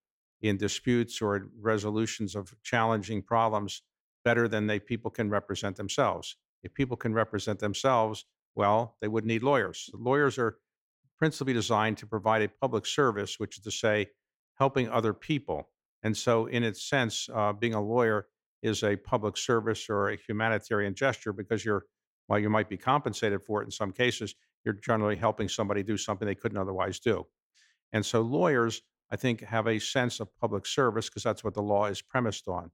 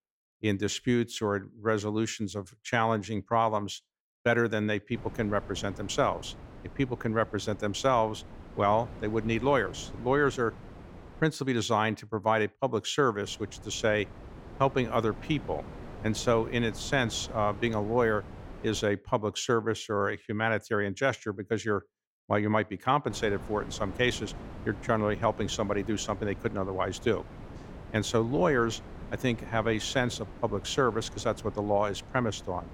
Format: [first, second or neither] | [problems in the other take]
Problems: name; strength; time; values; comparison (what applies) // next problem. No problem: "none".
first | wind noise on the microphone; occasional gusts; from 5 to 11 s, from 13 to 19 s and from 23 s on; 20 dB below the speech